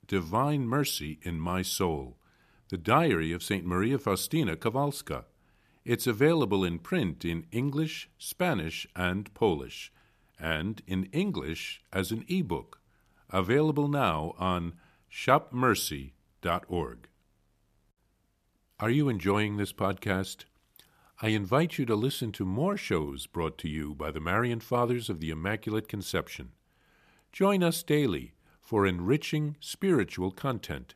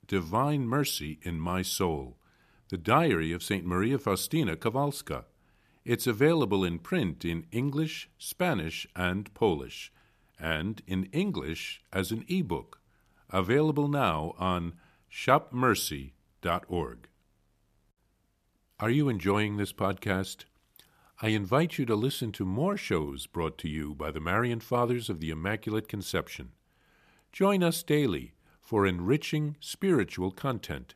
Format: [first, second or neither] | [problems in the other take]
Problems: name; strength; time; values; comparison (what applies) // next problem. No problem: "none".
neither | none